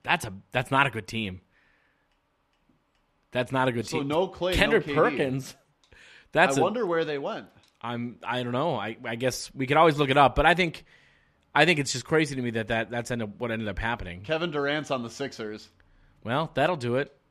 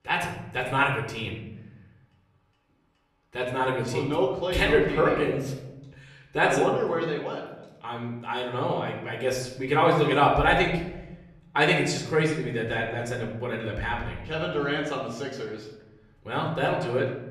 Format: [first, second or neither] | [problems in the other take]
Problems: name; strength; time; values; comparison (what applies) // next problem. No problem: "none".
first | off-mic speech; somewhat distant // room echo; slight; dies away in 0.9 s